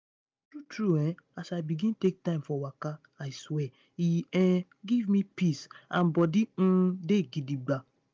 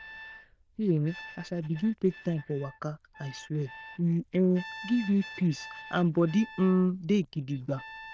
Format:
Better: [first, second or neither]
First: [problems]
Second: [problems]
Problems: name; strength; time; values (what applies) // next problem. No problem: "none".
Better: first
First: none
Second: noise reduction (neural diffusion model UNIVERSE++)